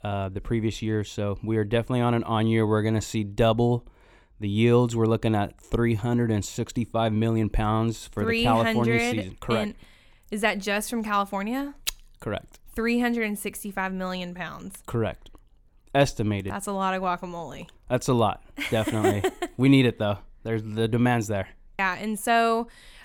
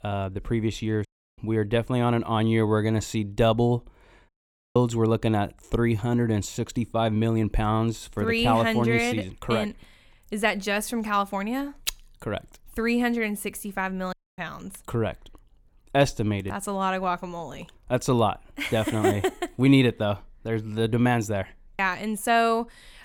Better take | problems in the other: first | audio cutting out; at 1 s, at 4.5 s and at 14 s

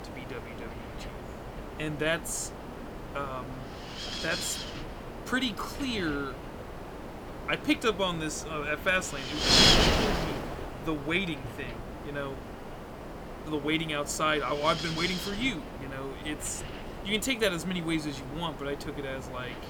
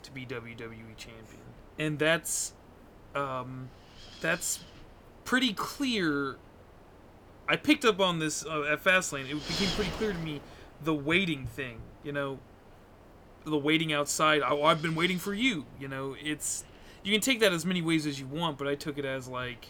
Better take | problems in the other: second | wind noise on the microphone; heavy; 1 dB below the speech; occasional gusts in the second

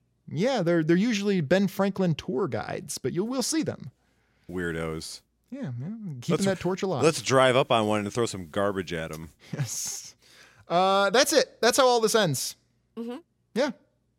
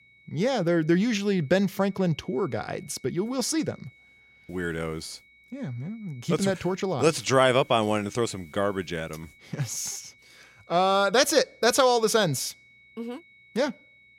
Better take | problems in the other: first | high-pitched whine; faint; throughout; 2 kHz, 30 dB below the speech

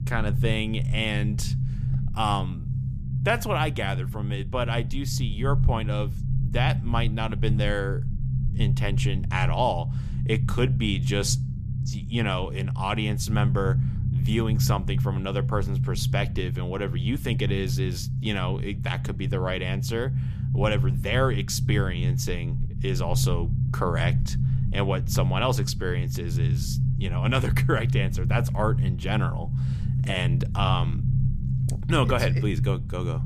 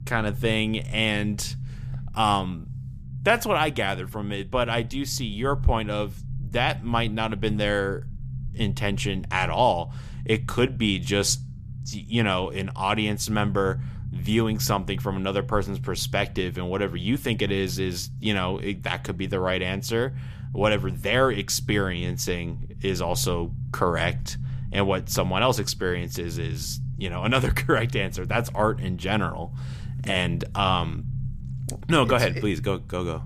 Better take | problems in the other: second | low rumble; loud; throughout; 10 dB below the speech; faint in the second

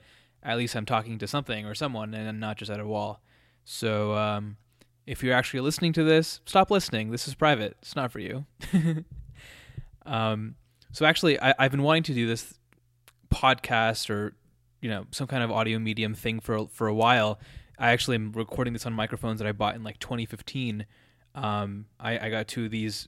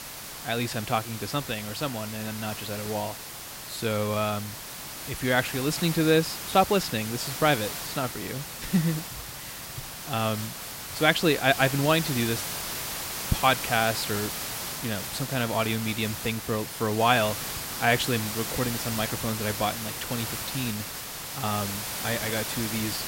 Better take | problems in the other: first | hiss; loud; throughout; 5 dB below the speech

